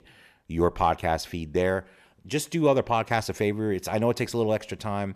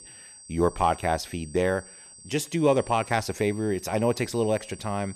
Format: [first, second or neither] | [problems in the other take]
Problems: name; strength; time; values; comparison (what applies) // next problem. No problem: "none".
first | high-pitched whine; noticeable; throughout; 8 kHz, 20 dB below the speech